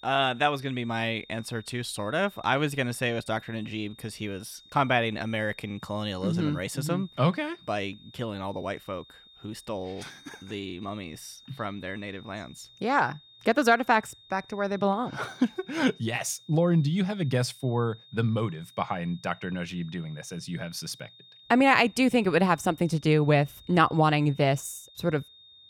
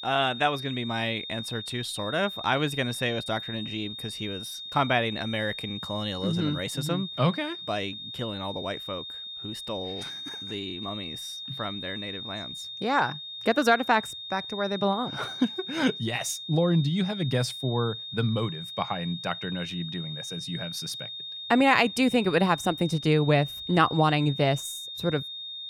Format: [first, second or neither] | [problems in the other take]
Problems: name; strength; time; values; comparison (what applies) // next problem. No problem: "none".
first | high-pitched whine; loud; throughout; 3.5 kHz, 8 dB below the speech; faint in the first